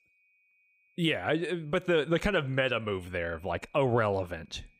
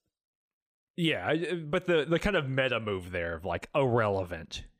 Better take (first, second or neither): second